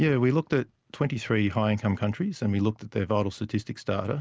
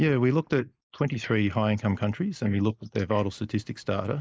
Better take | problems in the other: first | noise reduction (neural mask model Resemble Enhance denoiser)

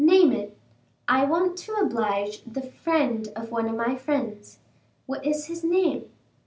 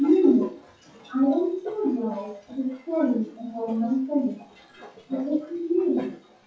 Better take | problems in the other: first | noise reduction (classical method WPE with log-MMSE)

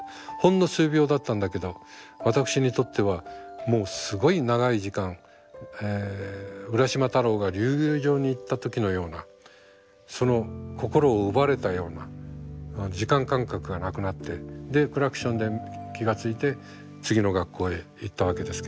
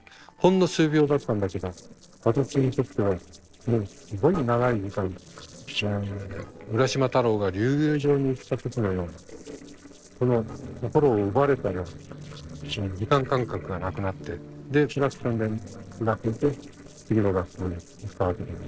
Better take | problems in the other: first | noise reduction (neural separator model SepFormer DNS4)

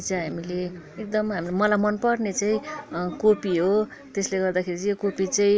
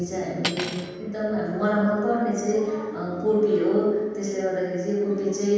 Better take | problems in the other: first | background sound (Cutlery, silverware); 12 dB below the speech // room echo; dies away in 1.2 s

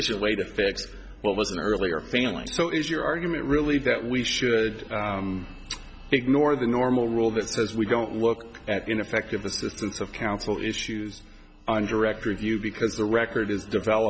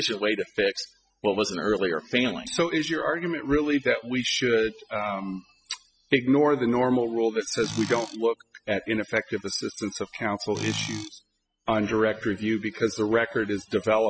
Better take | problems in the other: first | noise reduction (classical method spectral subtraction)

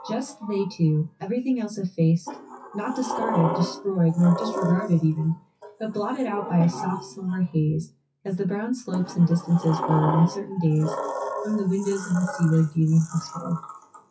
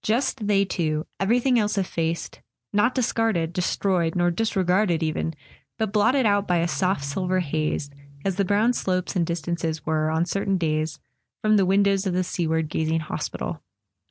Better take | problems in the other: second | noise reduction (classical method WPE with log-MMSE)

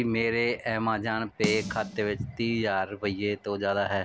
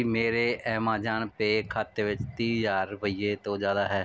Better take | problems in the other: second | background sound (Snare drum); 10 dB below the speech

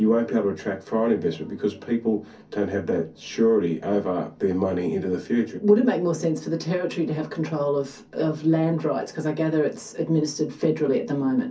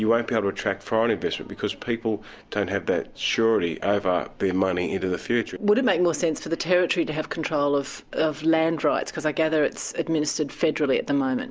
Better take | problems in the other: second | room echo; dies away in 0.3 s

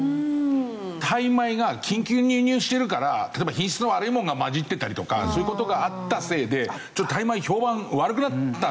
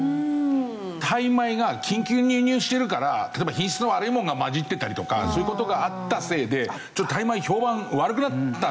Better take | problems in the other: first | background sound (Wind instrument, woodwind instrument); 16 dB below the speech

